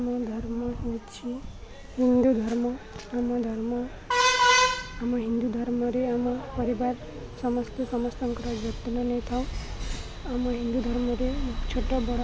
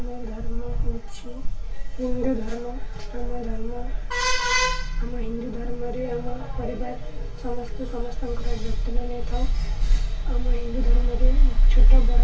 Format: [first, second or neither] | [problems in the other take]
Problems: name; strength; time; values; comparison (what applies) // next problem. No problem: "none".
first | room echo; dies away in 0.2 s